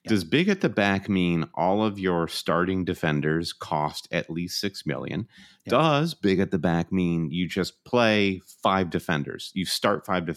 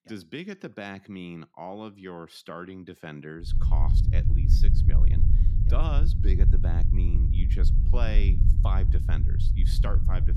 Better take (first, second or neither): first